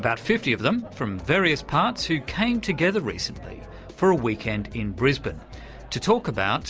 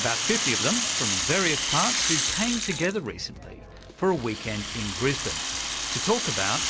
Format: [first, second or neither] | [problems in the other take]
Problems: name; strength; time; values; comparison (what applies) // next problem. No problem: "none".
first | background sound (Rattle (instrument)); as loud as the speech